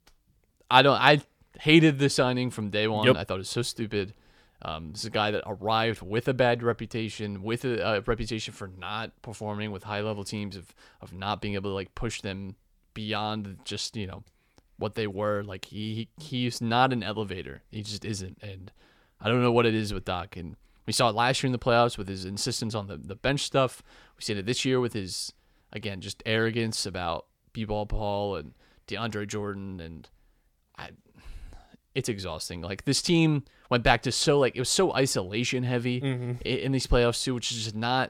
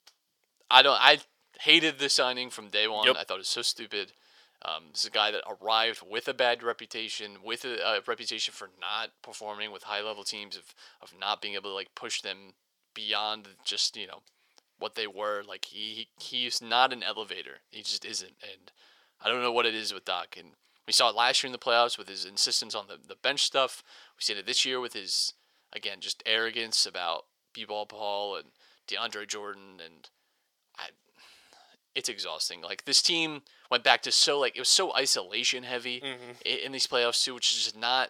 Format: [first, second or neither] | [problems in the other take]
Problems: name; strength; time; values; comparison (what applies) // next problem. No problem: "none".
first | thin; very; fading below 600 Hz